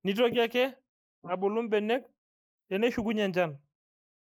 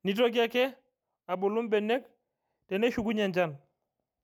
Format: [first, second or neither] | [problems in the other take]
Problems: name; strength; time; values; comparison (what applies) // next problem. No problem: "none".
second | noise reduction (neural mask model Resemble Enhance denoiser)